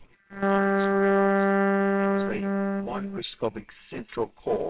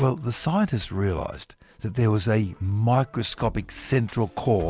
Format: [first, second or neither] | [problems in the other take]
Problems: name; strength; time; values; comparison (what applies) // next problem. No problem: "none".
second | noise reduction (neural separator model SepFormer WHAMR!)